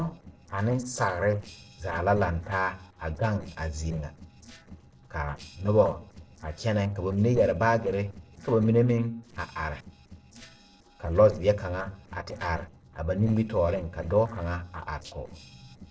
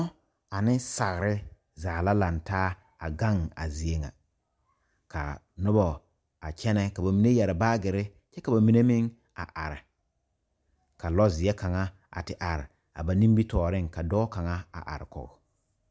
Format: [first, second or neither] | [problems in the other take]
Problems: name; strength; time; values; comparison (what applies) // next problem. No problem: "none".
second | noise reduction (neural separator model SepFormer DNS4)